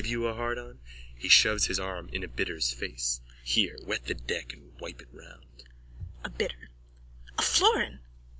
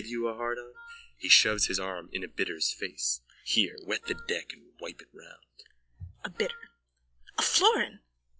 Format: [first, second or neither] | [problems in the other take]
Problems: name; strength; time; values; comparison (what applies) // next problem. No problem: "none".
first | noise reduction (classical method log-MMSE)